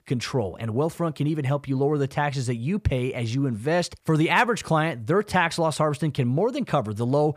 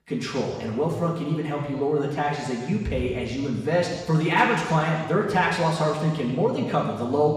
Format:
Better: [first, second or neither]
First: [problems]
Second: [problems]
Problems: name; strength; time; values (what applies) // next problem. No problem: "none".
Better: first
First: none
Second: room echo; noticeable; dies away in 1.3 s // off-mic speech; far